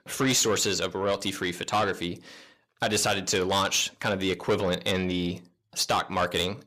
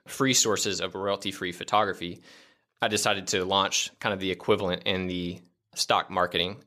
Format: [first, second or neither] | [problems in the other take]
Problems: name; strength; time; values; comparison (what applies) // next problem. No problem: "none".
second | distortion; heavy; 8 dB below the speech